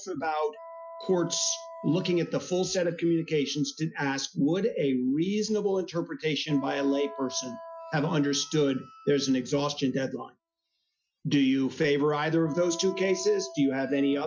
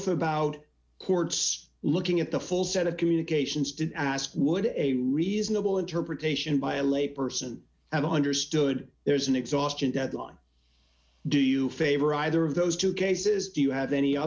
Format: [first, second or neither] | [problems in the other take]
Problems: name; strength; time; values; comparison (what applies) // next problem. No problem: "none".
second | noise reduction (classical method Wiener filter)